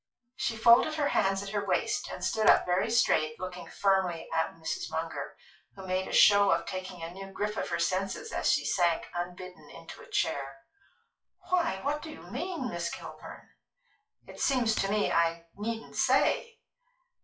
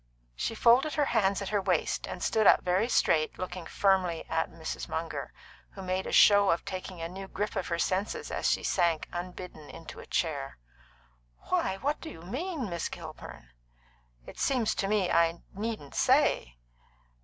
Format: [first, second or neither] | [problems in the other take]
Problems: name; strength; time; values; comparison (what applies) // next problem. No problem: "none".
second | noise reduction (classical method WPE with log-MMSE)